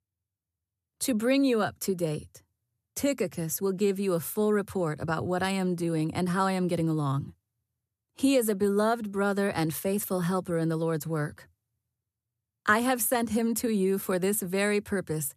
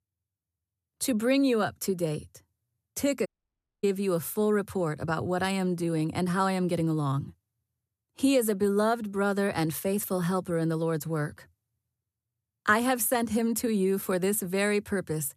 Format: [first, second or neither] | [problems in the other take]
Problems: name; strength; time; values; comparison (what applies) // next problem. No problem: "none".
first | audio cutting out; at 3.5 s for 0.5 s